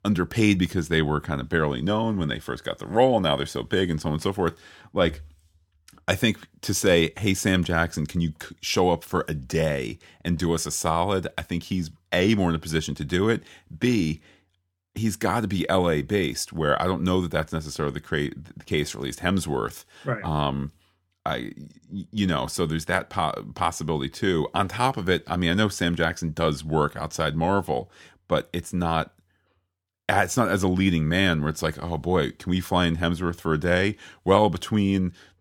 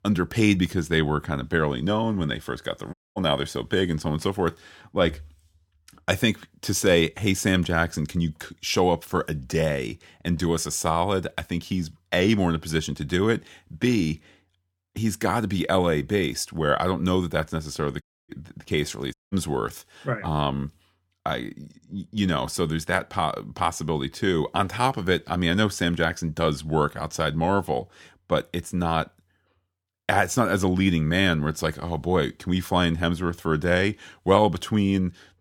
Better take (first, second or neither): first